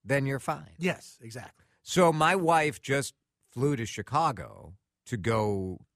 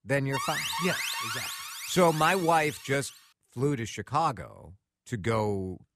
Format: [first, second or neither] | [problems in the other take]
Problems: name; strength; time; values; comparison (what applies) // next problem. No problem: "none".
first | alarm; noticeable; until 3 s; peak 1 dB below the speech